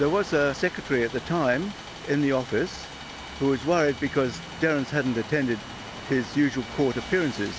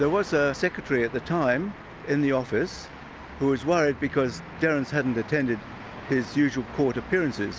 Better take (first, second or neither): second